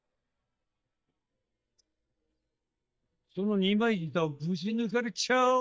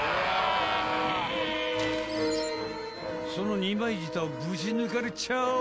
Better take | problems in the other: second | noise reduction (neural mask model DeepFilterNet 3)

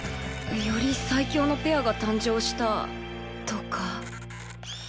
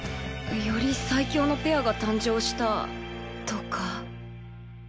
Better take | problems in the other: second | background sound (Camera); 18 dB below the speech

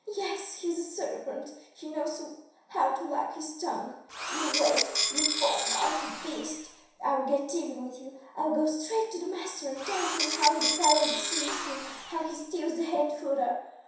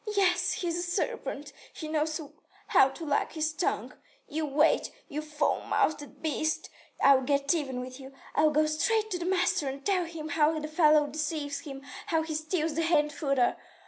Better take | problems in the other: second | background sound (Tools); as loud as the speech // room echo; dies away in 0.7 s

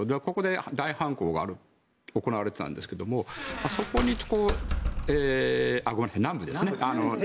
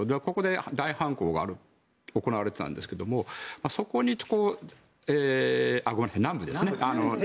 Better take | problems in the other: second | background sound (Squeak); 4 dB below the speech

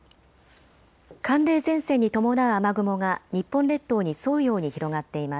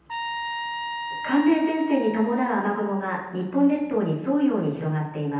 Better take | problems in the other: first | background sound (Trumpet); 9 dB below the speech // room echo; dies away in 0.9 s

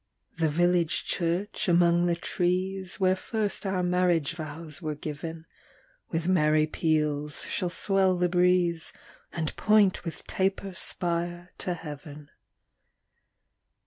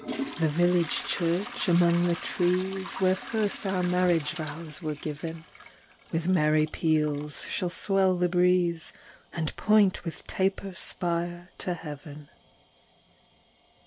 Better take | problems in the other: first | background sound (Trickle, dribble / Toilet flush / Hiss); 16 dB below the speech

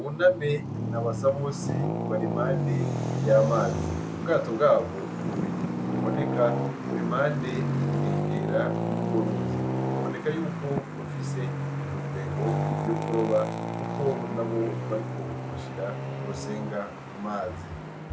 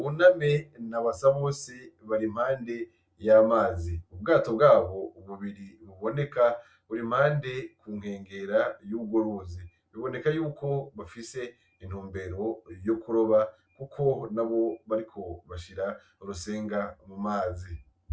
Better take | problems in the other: second | background sound (Traffic noise, roadway noise); as loud as the speech

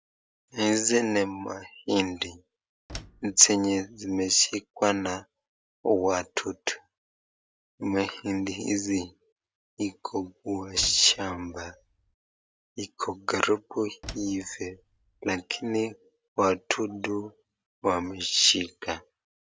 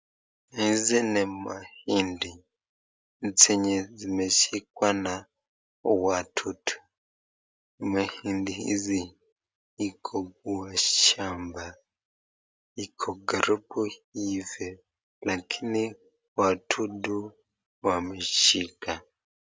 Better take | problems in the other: second | background sound (Slam); 17 dB below the speech

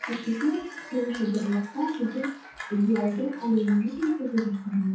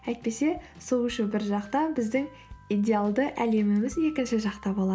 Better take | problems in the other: second | noise reduction (classical method WPE with log-MMSE)

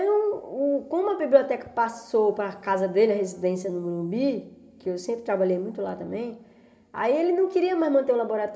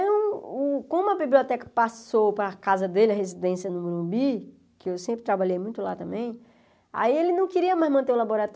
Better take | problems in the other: second | room echo; dies away in 2.8 s

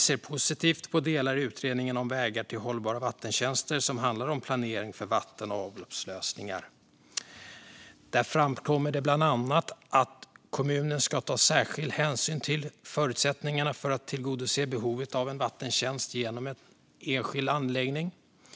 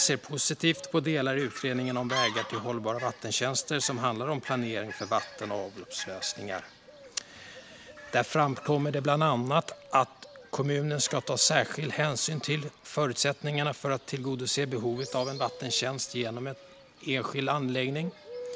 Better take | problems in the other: first | background sound (Fowl); 14 dB below the speech

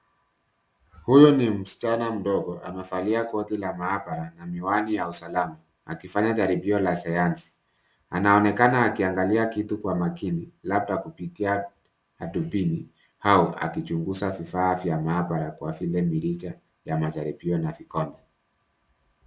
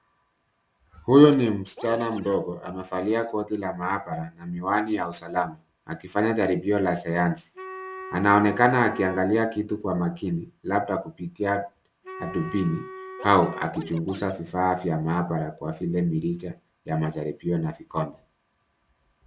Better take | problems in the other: first | background sound (Scratching (performance technique) + Wind instrument, woodwind instrument); 14 dB below the speech

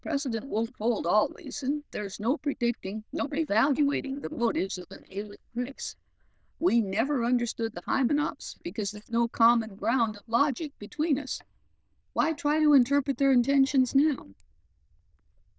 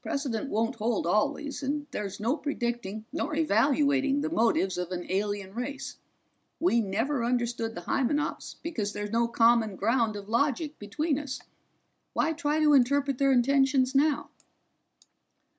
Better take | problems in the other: second | noise reduction (neural diffusion model UNIVERSE++)

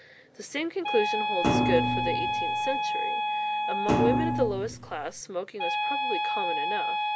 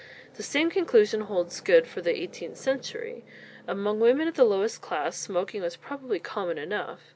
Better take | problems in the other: second | background sound (Thump, thud + Wind instrument, woodwind instrument); 4 dB above the speech

